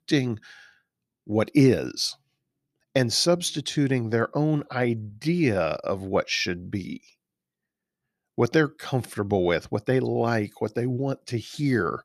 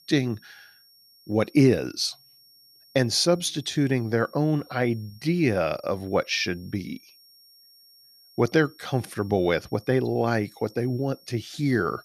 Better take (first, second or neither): first